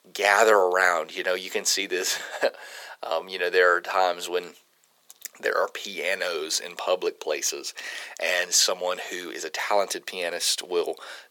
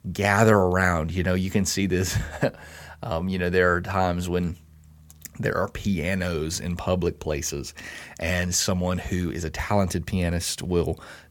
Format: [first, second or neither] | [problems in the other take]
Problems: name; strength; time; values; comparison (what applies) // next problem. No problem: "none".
second | thin; very; fading below 400 Hz